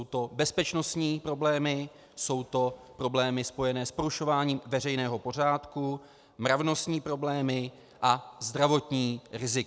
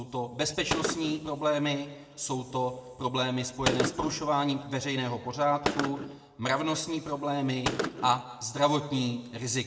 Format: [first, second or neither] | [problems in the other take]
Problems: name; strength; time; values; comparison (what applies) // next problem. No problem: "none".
first | background sound (Gunshot, gunfire); 7 dB below the speech // room echo; dies away in 1.4 s